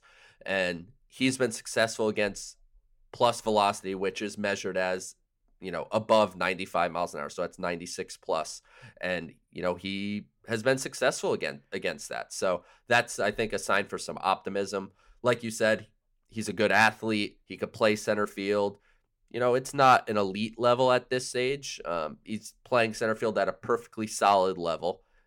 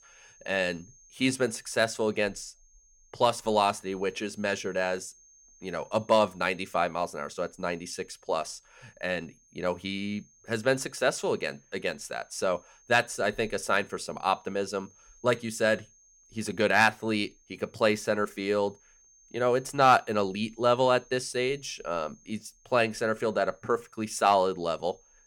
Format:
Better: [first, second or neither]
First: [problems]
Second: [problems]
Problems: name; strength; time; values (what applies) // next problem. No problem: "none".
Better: first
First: none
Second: high-pitched whine; faint; throughout; 6.5 kHz, 30 dB below the speech